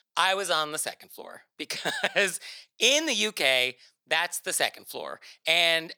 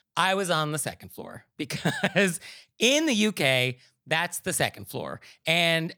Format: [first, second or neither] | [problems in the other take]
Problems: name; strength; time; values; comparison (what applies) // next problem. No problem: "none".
second | thin; somewhat; fading below 450 Hz